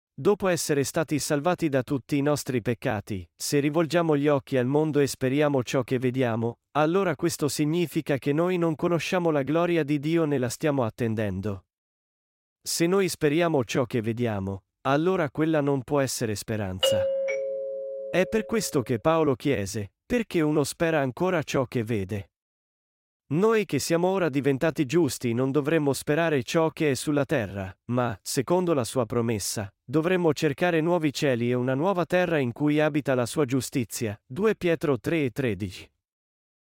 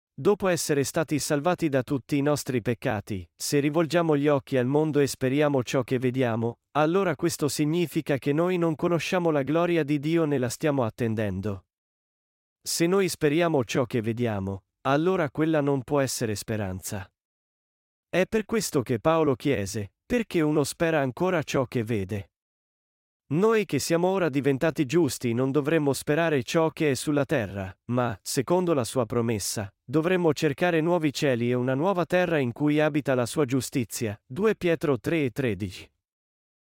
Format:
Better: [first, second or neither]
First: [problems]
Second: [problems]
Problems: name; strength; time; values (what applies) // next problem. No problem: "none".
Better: second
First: doorbell; loud; from 17 to 18 s; peak 2 dB above the speech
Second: none